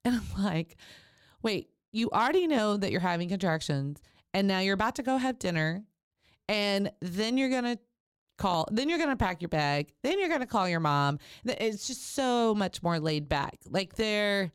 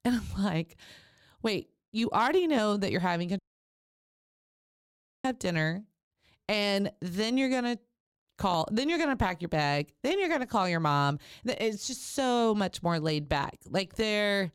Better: first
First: none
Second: audio cutting out; at 3.5 s for 2 s

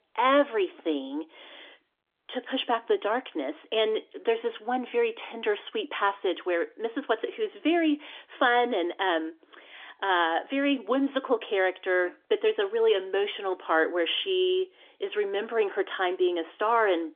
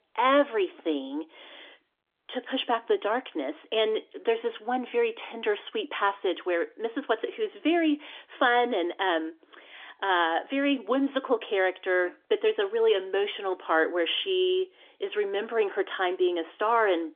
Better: neither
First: phone-call audio; nothing above 3.5 kHz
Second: phone-call audio; nothing above 3.5 kHz

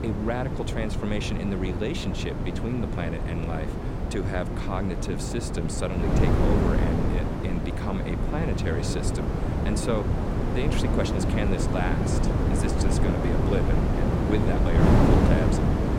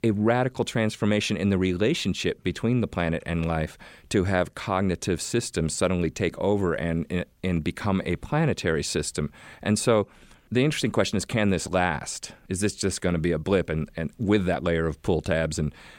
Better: second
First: wind noise on the microphone; heavy; 2 dB above the speech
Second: none

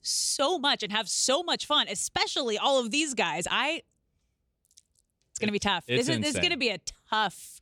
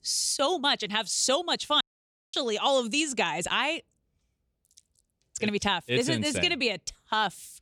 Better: first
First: none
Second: audio cutting out; at 2 s for 0.5 s

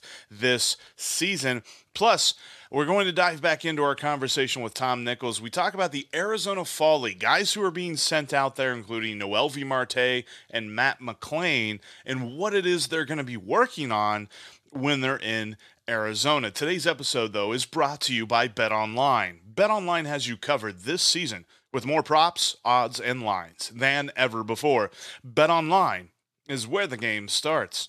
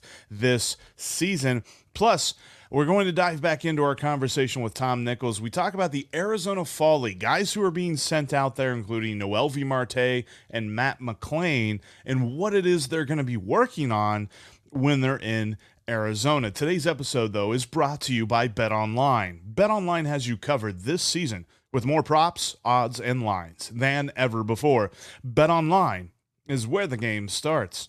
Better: second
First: thin; very slightly; fading below 400 Hz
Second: none

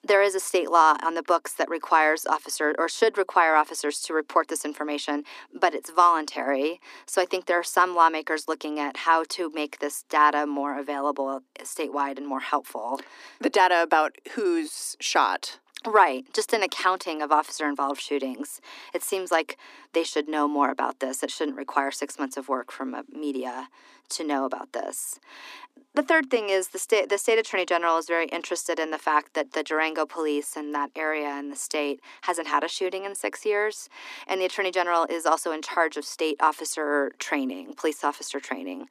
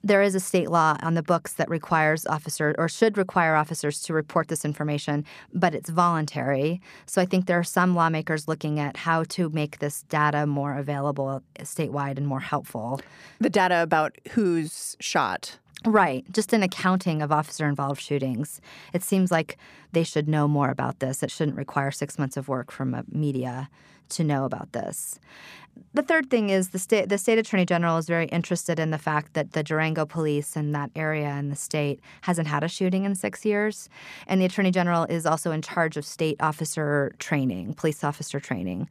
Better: second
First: thin; somewhat; fading below 250 Hz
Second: none

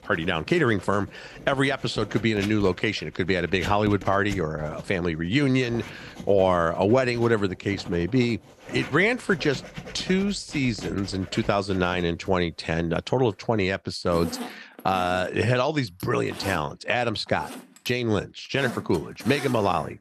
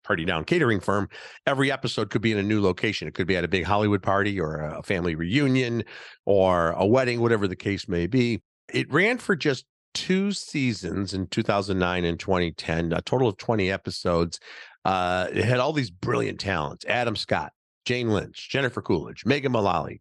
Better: second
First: household noises; noticeable; throughout; 15 dB below the speech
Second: none

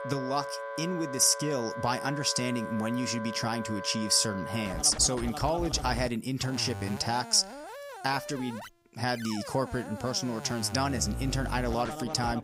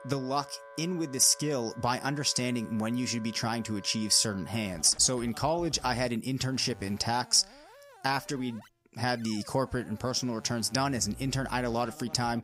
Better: second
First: background music; loud; throughout; 10 dB below the speech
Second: background music; faint; throughout; 20 dB below the speech

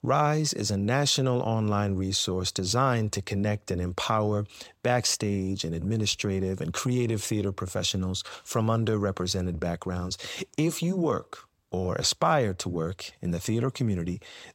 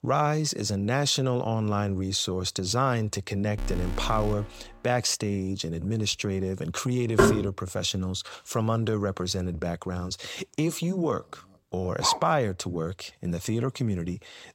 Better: first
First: none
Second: alarm; noticeable; from 3.5 to 4.5 s; peak 7 dB below the speech // door banging; loud; at 7 s; peak 6 dB above the speech // dog barking; noticeable; at 12 s; peak 2 dB below the speech

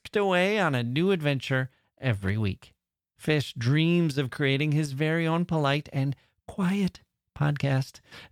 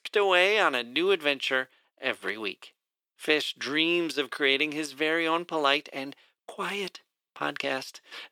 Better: first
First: none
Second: thin; very; fading below 350 Hz

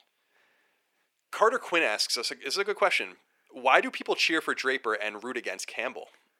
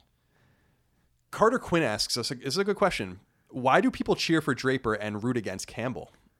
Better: second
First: thin; somewhat; fading below 400 Hz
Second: none

